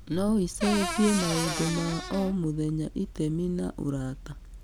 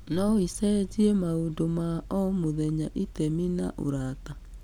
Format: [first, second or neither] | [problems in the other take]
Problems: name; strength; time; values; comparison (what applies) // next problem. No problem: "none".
second | background sound (Cupboard open or close / Door); 5 dB below the speech